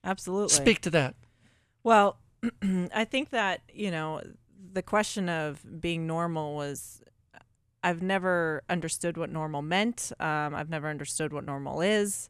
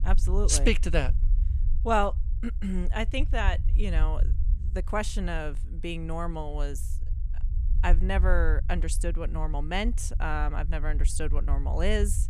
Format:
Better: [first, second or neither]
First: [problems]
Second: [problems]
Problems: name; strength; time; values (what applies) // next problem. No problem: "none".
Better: first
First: none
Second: low rumble; noticeable; throughout; 20 dB below the speech